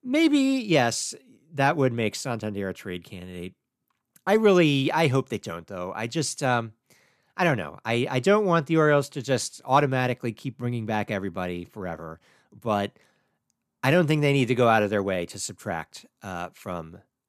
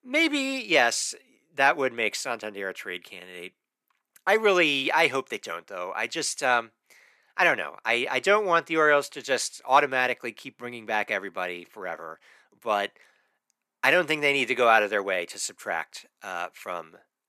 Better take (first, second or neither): first